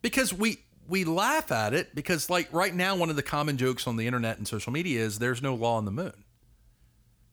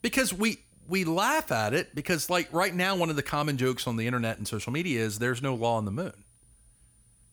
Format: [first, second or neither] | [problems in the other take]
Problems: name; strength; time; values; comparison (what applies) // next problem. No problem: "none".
first | high-pitched whine; faint; throughout; 9.5 kHz, 35 dB below the speech